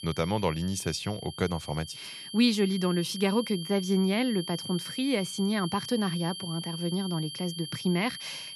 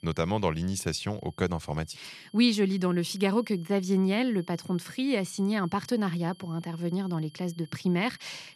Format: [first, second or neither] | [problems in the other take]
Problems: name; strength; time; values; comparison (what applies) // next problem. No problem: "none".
second | high-pitched whine; loud; throughout; 3 kHz, 9 dB below the speech; faint in the second